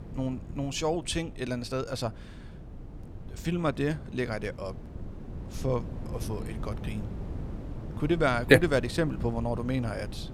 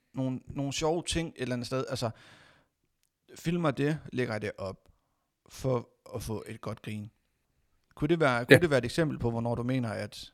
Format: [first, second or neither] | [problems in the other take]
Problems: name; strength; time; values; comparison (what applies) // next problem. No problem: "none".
second | wind noise on the microphone; occasional gusts; 20 dB below the speech